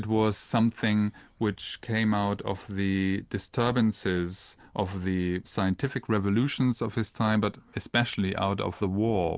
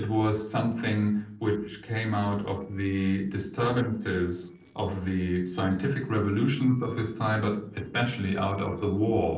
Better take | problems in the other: first | noise reduction (neural separator model SepFormer DNS4)

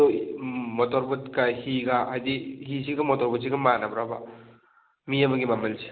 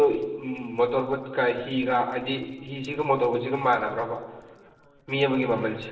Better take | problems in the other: first | noise reduction (neural separator model SepFormer DNS4)

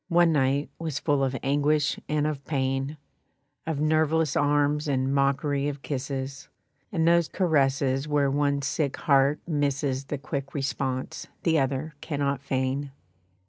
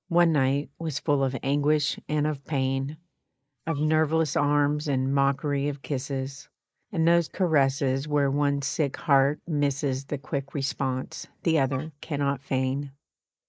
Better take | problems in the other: first | noise reduction (neural mask model Resemble Enhance denoiser)

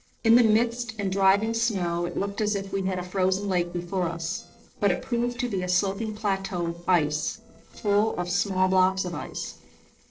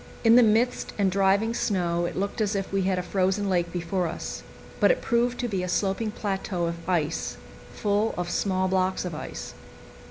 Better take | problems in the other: second | noise reduction (neural separator model SepFormer DNS4)

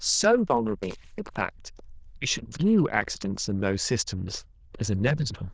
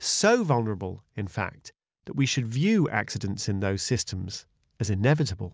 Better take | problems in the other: second | noise reduction (neural diffusion model UNIVERSE++)

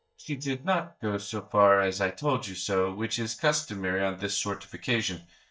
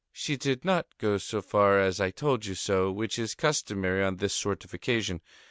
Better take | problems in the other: second | noise reduction (neural mask model DeepFilterNet 3)

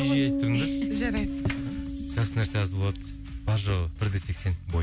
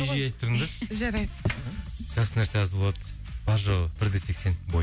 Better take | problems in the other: second | background sound (Bass guitar); 4 dB below the speech

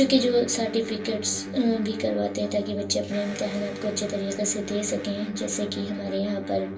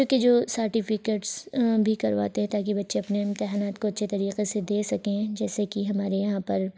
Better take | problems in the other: second | background sound (Electric guitar); 9 dB below the speech // room echo; dies away in 0.3 s

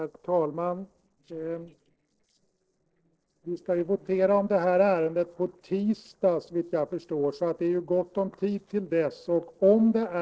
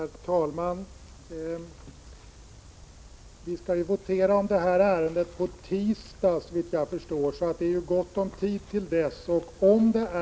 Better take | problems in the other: second | noise reduction (neural separator model SepFormer DNS4)

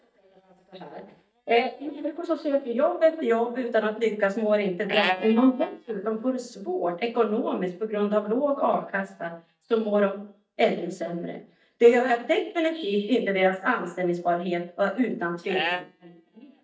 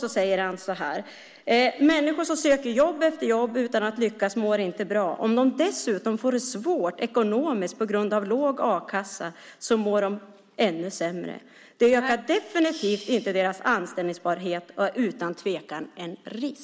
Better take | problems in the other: second | noise reduction (neural mask model DeepFilterNet 3)

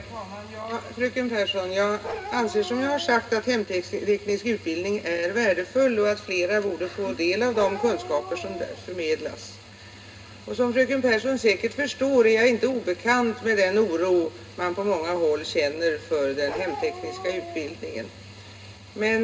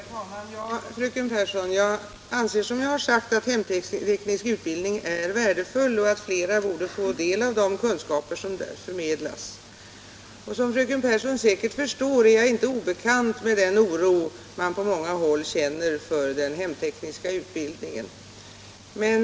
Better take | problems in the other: second | background sound (Bark); 12 dB below the speech // room echo; dies away in 0.2 s

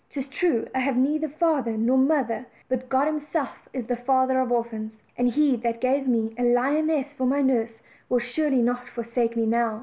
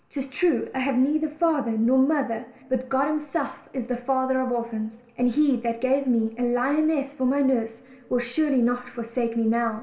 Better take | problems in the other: first | room echo; dies away in 1.4 s

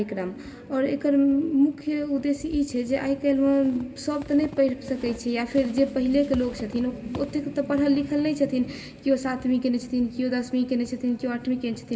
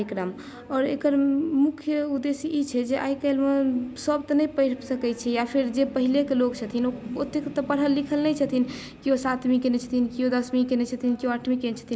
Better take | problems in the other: second | background sound (Squeak / Walk, footsteps); 20 dB below the speech // room echo; dies away in 1 s

